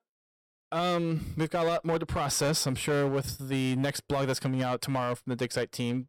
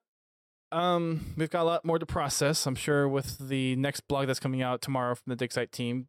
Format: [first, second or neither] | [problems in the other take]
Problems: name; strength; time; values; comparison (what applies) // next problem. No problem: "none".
second | distortion; slight; 10% of the sound clipped